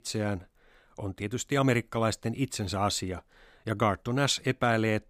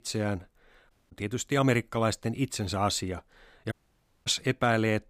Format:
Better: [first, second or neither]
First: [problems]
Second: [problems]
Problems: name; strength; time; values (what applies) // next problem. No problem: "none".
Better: first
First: none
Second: audio cutting out; at 1 s and at 3.5 s for 0.5 s